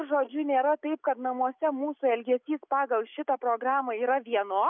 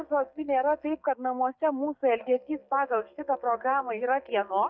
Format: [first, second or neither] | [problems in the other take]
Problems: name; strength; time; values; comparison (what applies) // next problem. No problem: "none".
first | noise reduction (neural mask model DeepFilterNet 3)